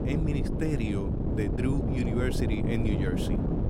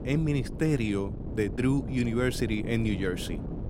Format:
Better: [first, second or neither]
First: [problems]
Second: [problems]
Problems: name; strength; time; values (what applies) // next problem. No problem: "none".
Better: second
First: wind noise on the microphone; heavy; as loud as the speech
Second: wind noise on the microphone; occasional gusts; 10 dB below the speech